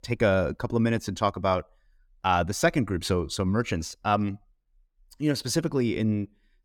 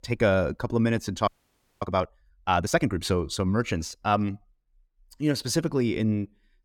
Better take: first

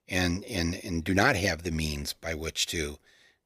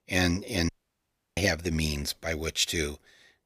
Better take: first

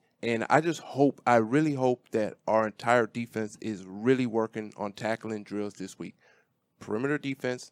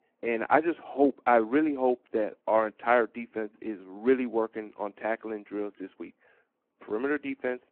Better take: first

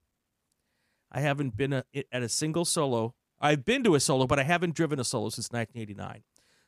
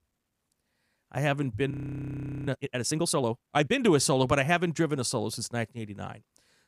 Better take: first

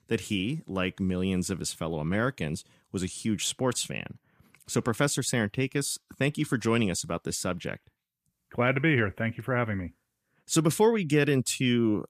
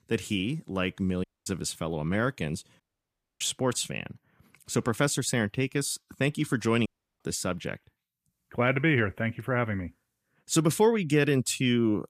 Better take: first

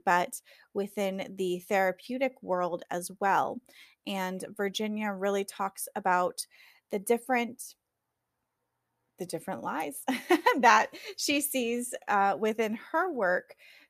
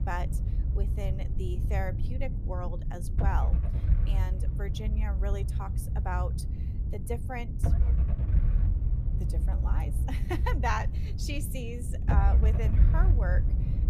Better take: first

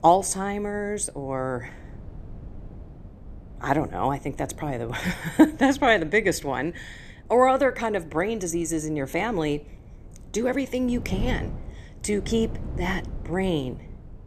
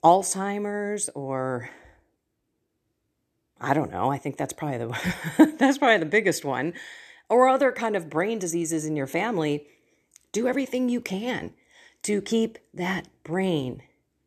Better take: second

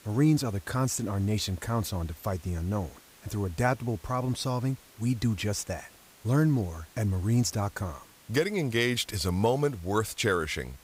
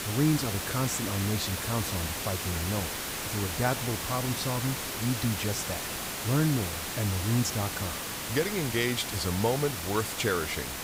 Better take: first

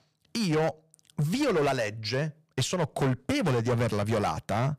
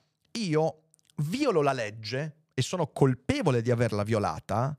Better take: second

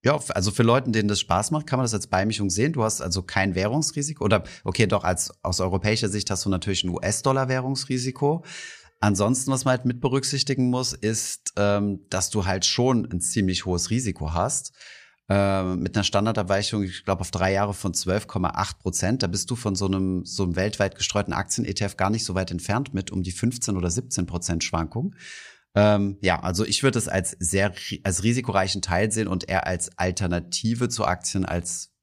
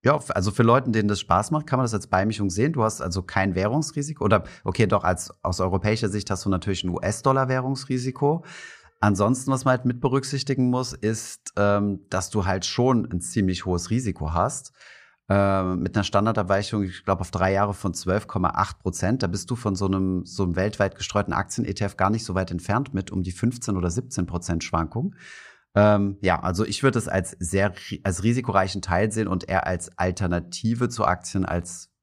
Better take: first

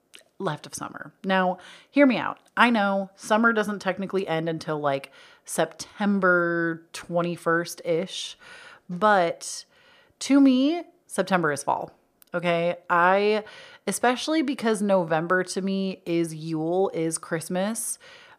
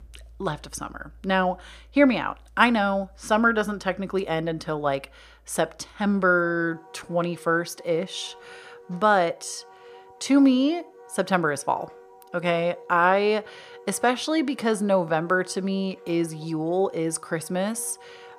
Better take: first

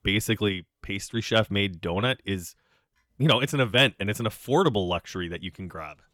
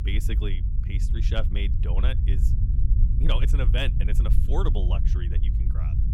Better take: first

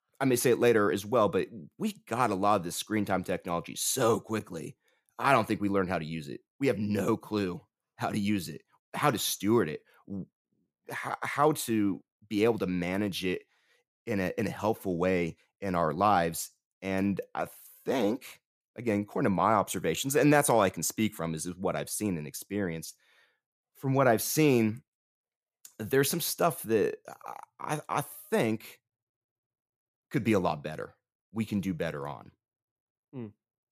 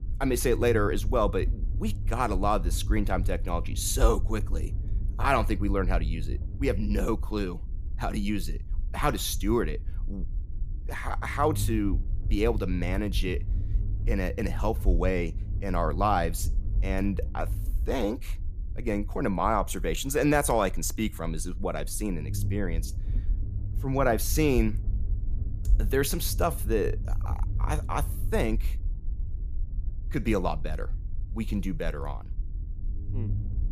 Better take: first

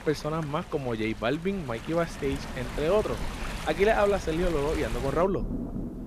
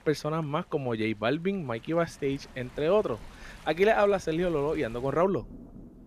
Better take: second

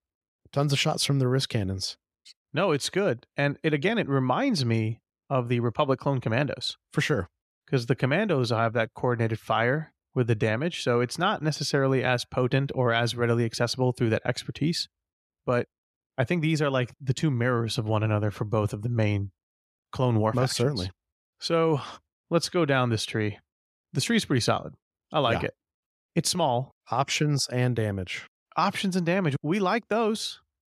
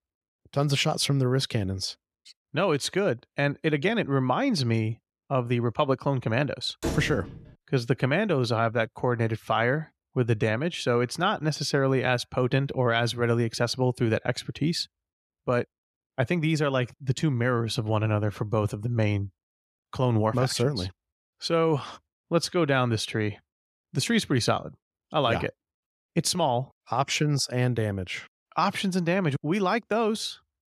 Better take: first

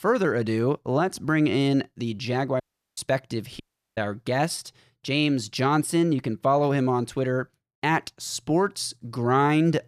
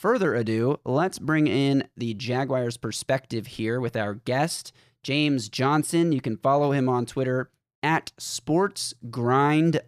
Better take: second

